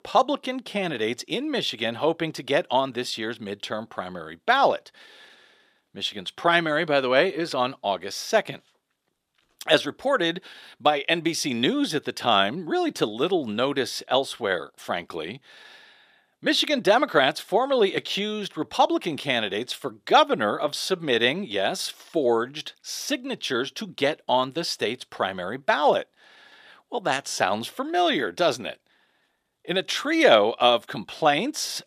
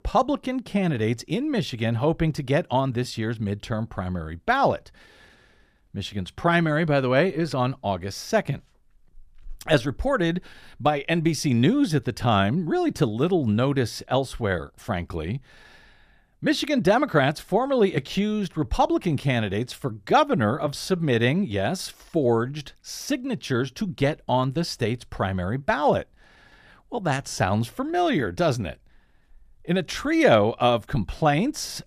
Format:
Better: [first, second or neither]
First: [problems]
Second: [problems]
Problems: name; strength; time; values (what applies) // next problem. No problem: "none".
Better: second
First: thin; somewhat; fading below 350 Hz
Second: none